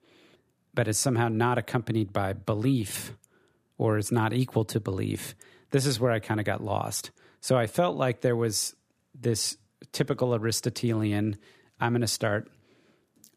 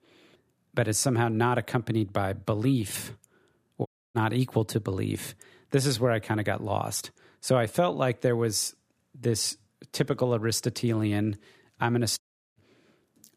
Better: first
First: none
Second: audio cutting out; at 4 s and at 12 s

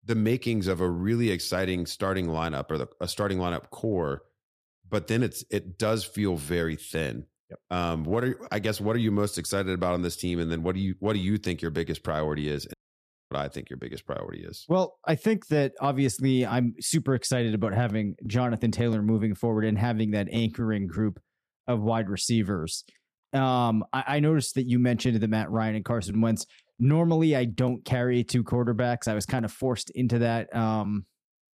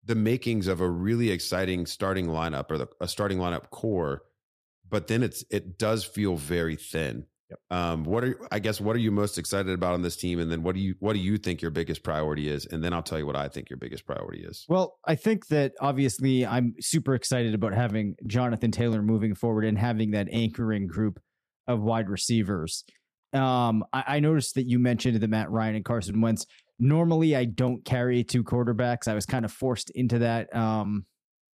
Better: second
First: audio cutting out; at 13 s for 0.5 s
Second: none

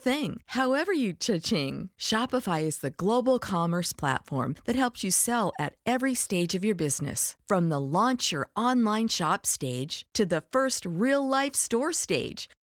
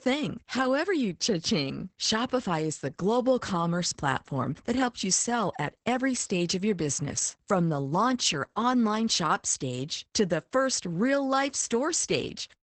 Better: first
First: garbled, watery; slightly; nothing above 15.5 kHz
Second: garbled, watery; badly; nothing above 8 kHz

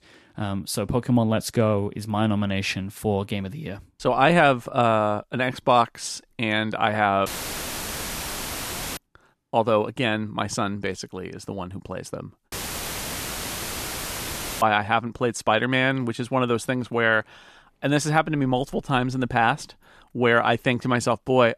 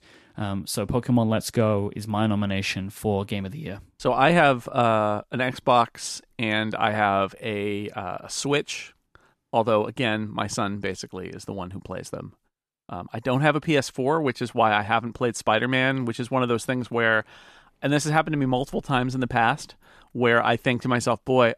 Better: second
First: audio cutting out; filled with static; at 7.5 s for 1.5 s and at 13 s for 2 s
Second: none

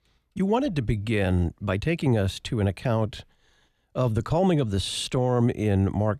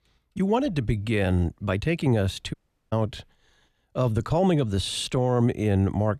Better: first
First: none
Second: audio cutting out; at 2.5 s

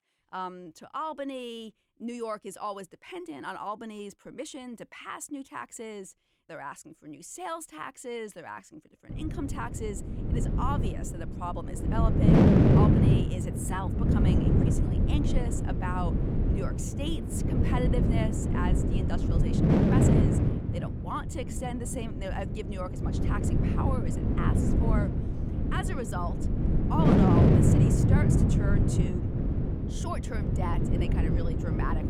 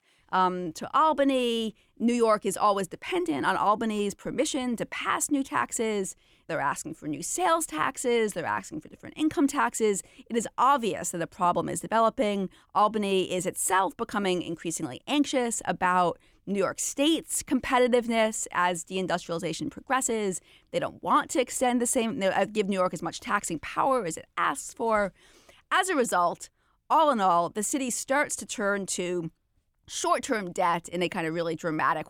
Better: second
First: wind noise on the microphone; heavy; from 9 s on; 4 dB above the speech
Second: none

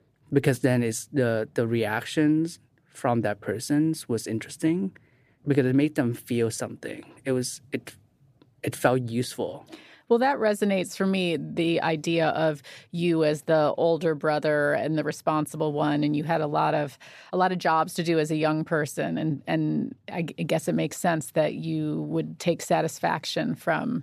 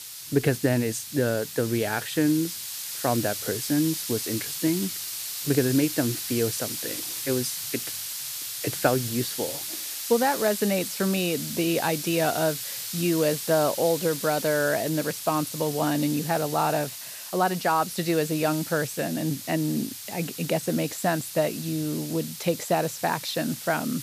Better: first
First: none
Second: hiss; loud; throughout; 6 dB below the speech

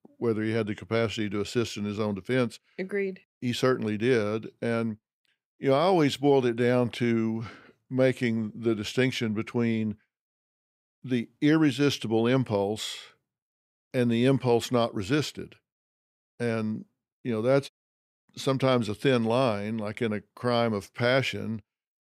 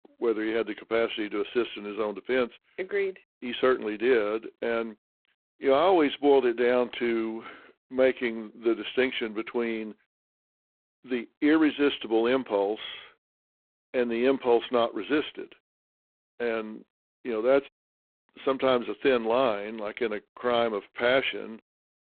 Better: first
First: none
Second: phone-call audio; poor line

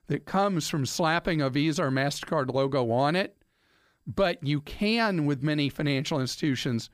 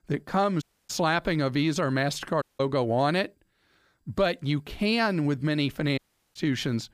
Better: first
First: none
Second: audio cutting out; at 0.5 s, at 2.5 s and at 6 s

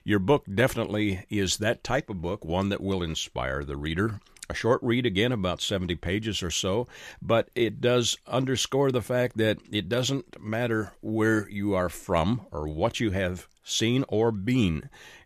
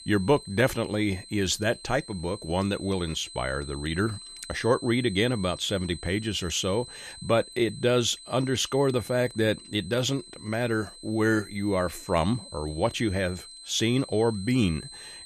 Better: first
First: none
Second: high-pitched whine; noticeable; throughout; 4 kHz, 15 dB below the speech

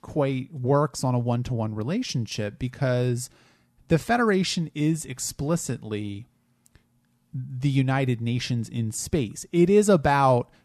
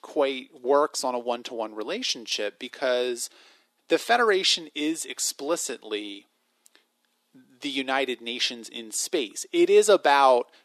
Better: first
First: none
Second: thin; very; fading below 300 Hz

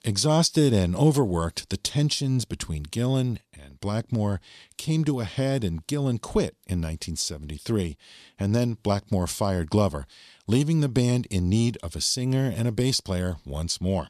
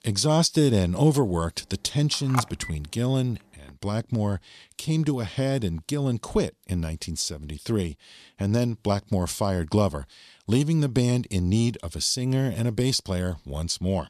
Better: first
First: none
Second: phone ringing; noticeable; at 2 s; peak 5 dB below the speech

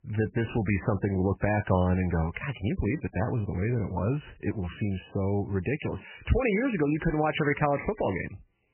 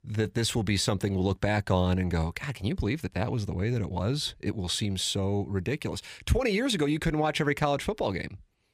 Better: second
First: garbled, watery; badly; nothing above 3 kHz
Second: none

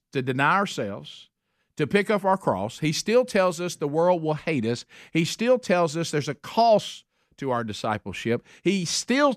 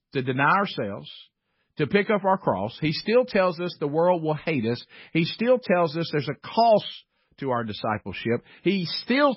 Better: first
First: none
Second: garbled, watery; badly; nothing above 5.5 kHz

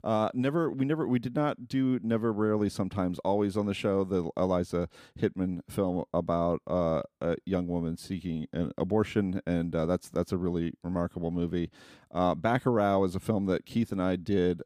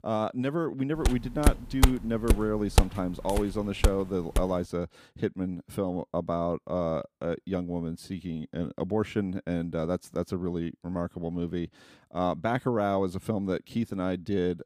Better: first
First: none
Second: footsteps; loud; from 1 to 4.5 s; peak 4 dB above the speech

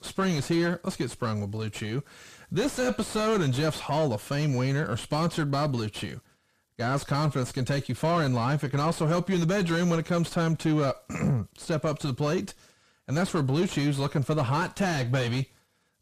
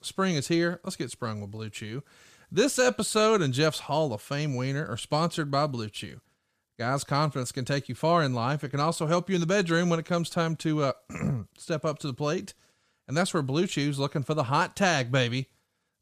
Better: second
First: distortion; heavy; 5 dB below the speech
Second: none

